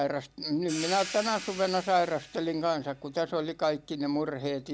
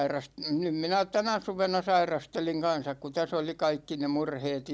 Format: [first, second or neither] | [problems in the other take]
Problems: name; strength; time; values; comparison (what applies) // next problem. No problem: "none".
second | background sound (Hi-hat); 15 dB below the speech